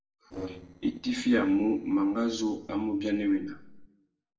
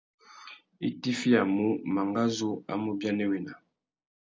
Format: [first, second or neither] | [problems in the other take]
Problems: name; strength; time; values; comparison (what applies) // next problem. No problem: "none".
second | noise reduction (neural separator model SepFormer DNS4)